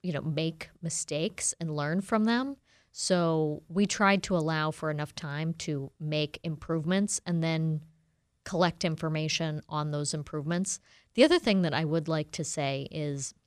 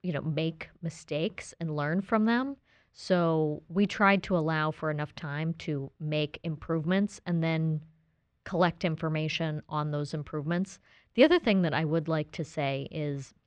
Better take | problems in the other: first | muffled; slightly; fading above 2.5 kHz

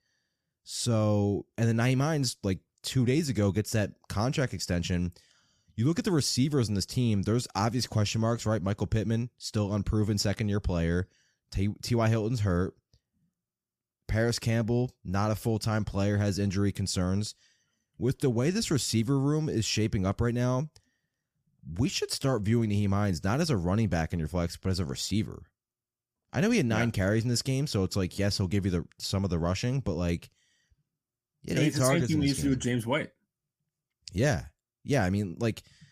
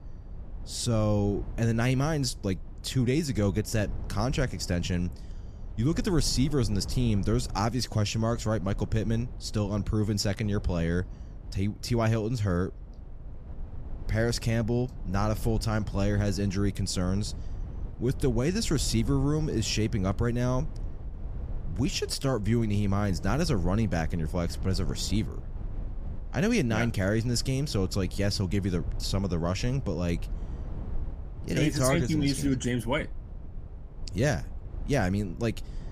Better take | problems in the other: first | low rumble; faint; throughout; 20 dB below the speech

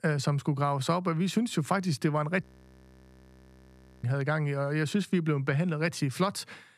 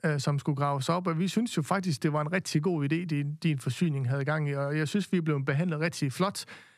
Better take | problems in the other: second | audio freezing; at 2.5 s for 1.5 s

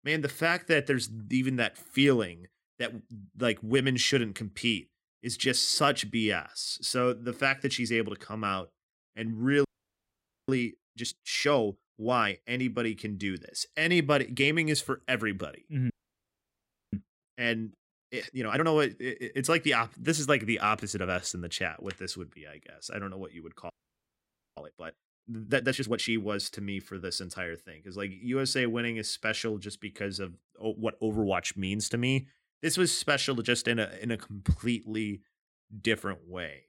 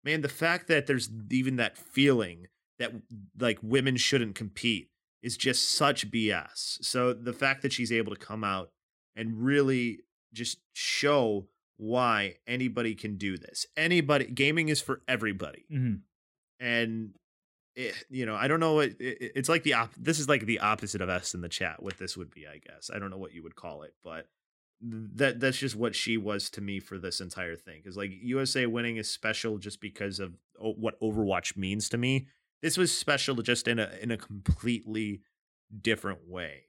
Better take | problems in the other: second | audio freezing; at 9.5 s for 1 s, at 16 s for 1 s and at 24 s for 1 s

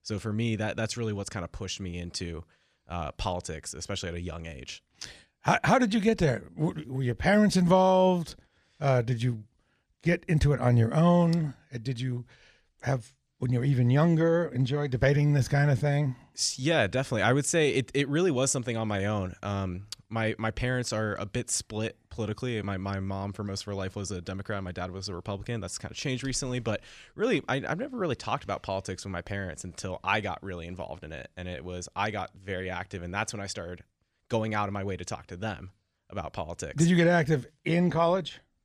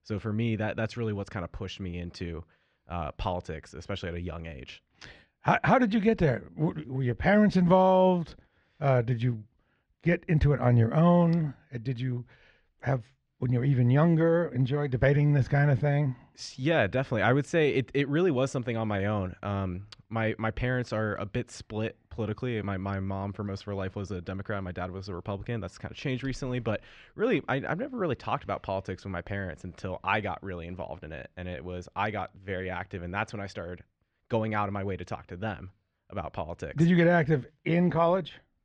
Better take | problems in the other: first | muffled; slightly; fading above 2.5 kHz

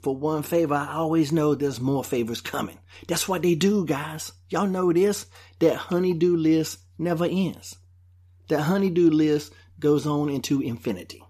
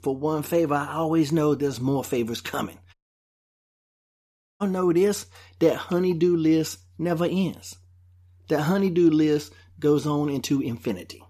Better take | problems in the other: first | audio cutting out; at 3 s for 1.5 s

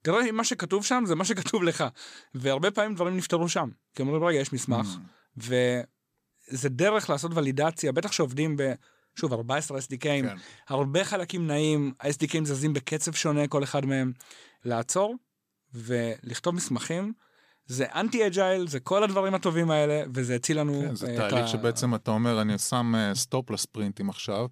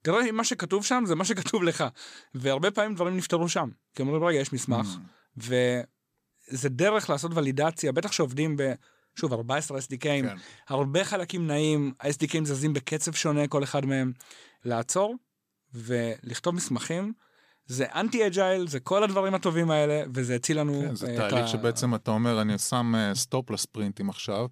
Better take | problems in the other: neither | none

